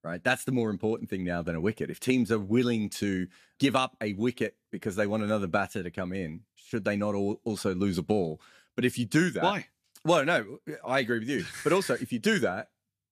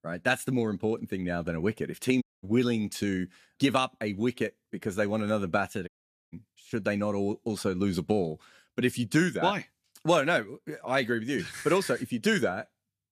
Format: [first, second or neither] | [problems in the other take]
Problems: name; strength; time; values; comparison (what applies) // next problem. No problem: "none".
first | audio cutting out; at 2 s and at 6 s